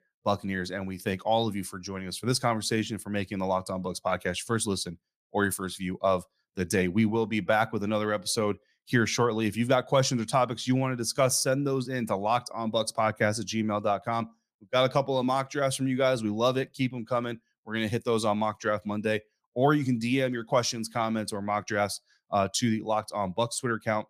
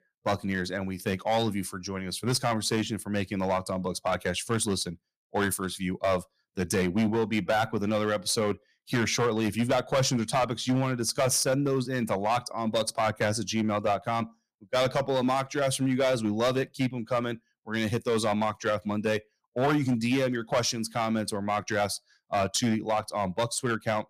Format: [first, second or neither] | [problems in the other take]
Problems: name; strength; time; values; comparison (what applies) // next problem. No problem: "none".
first | distortion; slight; 7% of the sound clipped